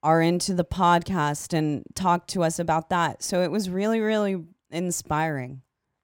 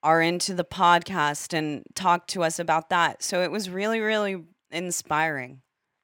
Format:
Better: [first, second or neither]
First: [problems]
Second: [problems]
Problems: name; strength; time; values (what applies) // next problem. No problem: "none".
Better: first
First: none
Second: thin; very slightly; fading below 300 Hz